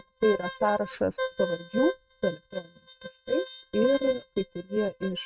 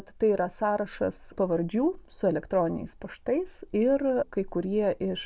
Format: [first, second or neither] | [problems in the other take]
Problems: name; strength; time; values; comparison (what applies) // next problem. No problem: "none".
second | noise reduction (neural mask model RNNoise)